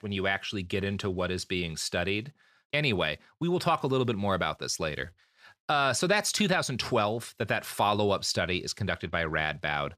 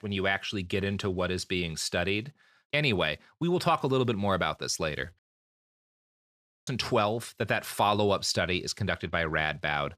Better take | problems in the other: first | audio cutting out; at 5 s for 1.5 s

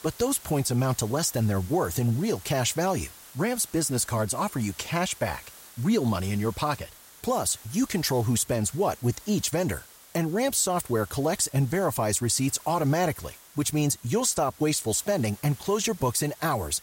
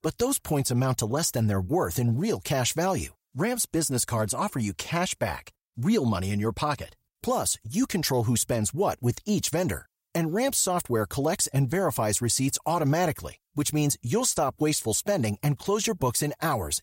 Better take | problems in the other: second | hiss; noticeable; throughout; 20 dB below the speech

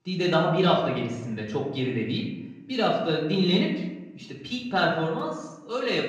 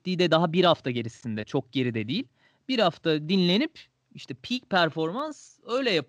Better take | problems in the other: second | off-mic speech; far // room echo; noticeable; dies away in 0.8 s

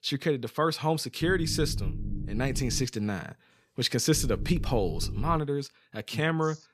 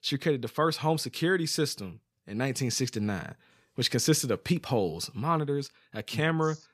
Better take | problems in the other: second | low rumble; noticeable; from 1 to 3 s and from 4 to 5.5 s; 20 dB below the speech

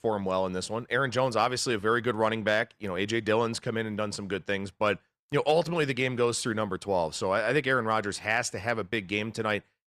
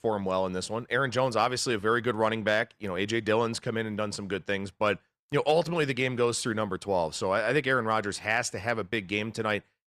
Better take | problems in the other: neither | none

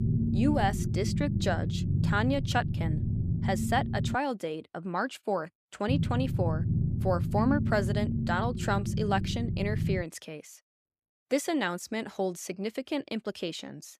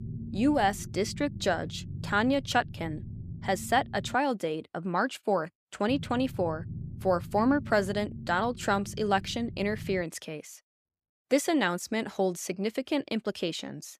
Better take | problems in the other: second | low rumble; loud; until 4 s and from 6 to 10 s; 8 dB below the speech; faint in the second

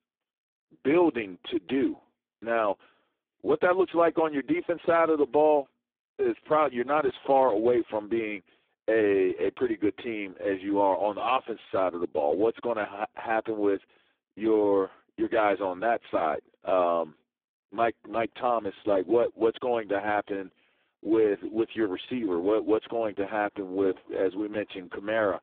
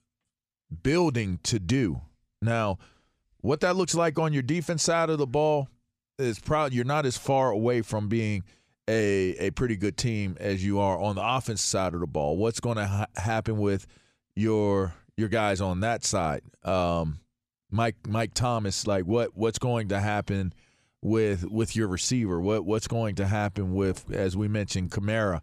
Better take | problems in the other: second | phone-call audio; poor line

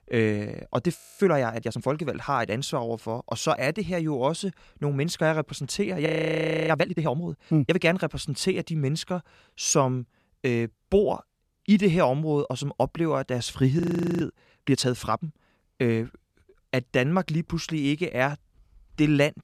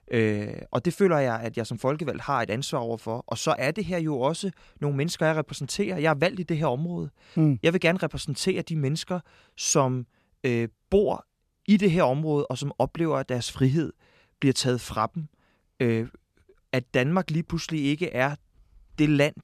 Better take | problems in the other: second | audio freezing; at 1 s, at 6 s for 0.5 s and at 14 s

